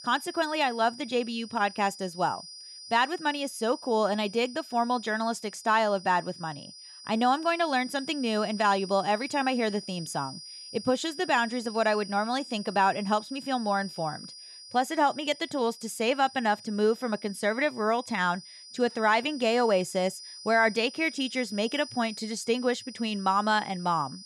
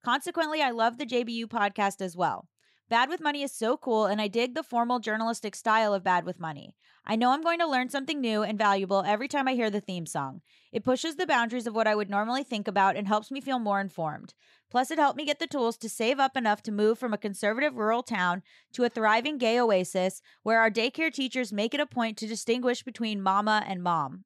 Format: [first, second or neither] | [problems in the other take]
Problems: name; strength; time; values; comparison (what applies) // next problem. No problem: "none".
second | high-pitched whine; noticeable; throughout; 5 kHz, 15 dB below the speech